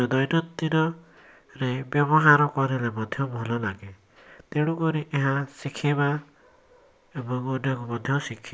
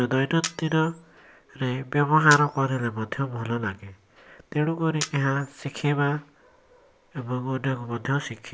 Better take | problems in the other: first | background sound (Camera); 14 dB below the speech

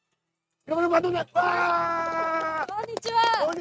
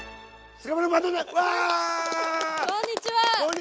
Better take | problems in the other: second | noise reduction (neural mask model RNNoise)

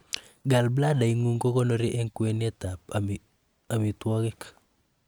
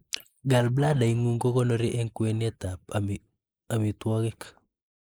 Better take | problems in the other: first | noise reduction (neural mask model Resemble Enhance denoiser)

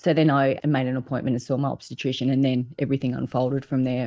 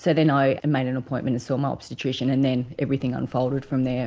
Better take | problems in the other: second | noise reduction (neural mask model DeepFilterNet 3)

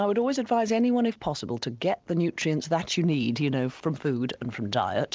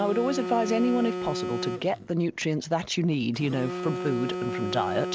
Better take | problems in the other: first | background sound (Telephone); 6 dB below the speech

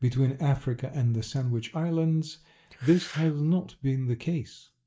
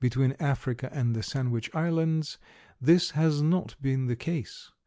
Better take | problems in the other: second | noise reduction (neural mask model DeepFilterNet 3)

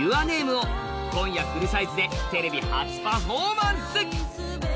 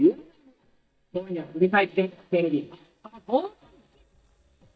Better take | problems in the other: first | noise reduction (neural mask model DeepFilterNet 3)

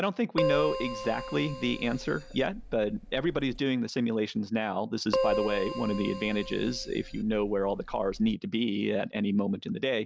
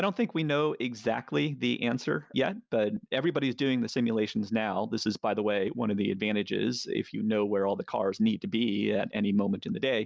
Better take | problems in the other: second | background sound (Keyboard (musical)); 5 dB below the speech

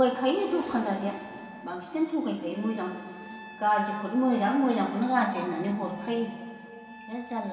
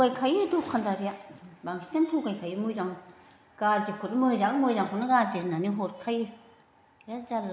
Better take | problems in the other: second | background sound (Trumpet); 20 dB below the speech // room echo; dies away in 2.4 s

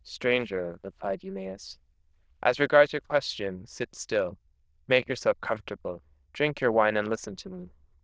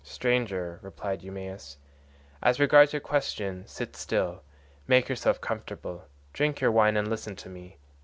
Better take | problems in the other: second | noise reduction (neural diffusion model UNIVERSE++)

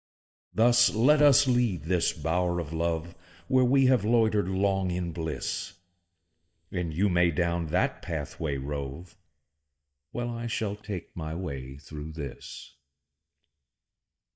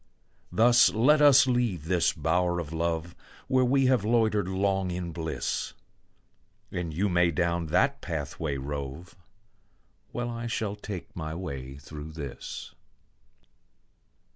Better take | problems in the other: second | noise reduction (neural mask model DeepFilterNet 3)

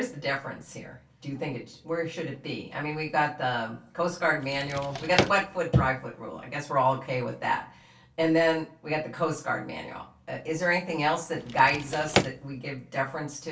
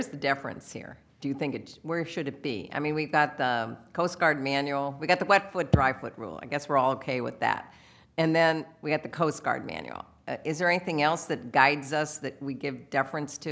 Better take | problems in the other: second | background sound (Drawer open or close); 2 dB below the speech // room echo; dies away in 0.2 s

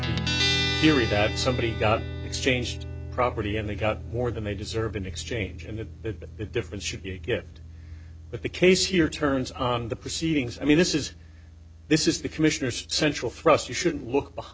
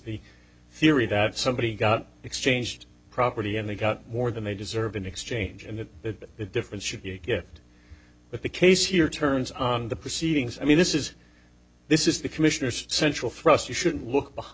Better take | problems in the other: second | background sound (Guitar); 8 dB below the speech

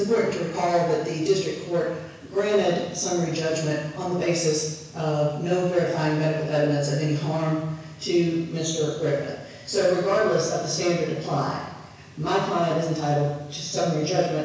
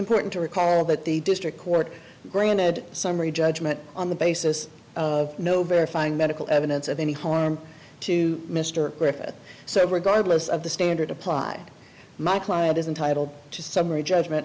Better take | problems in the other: second | room echo; dies away in 1.1 s

